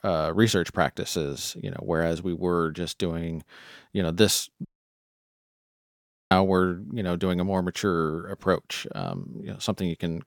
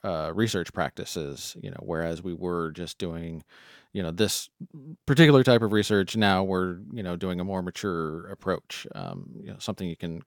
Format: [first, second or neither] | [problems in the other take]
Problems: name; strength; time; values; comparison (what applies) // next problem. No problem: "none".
second | audio cutting out; at 4.5 s for 1.5 s